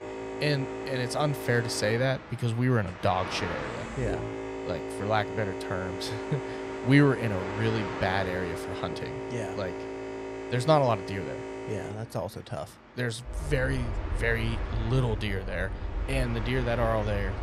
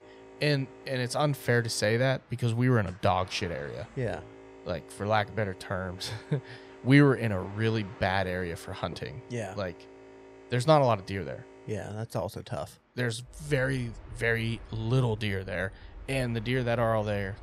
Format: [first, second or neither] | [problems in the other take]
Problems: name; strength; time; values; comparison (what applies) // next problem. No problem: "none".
second | train or aircraft noise; loud; throughout; 6 dB below the speech; faint in the second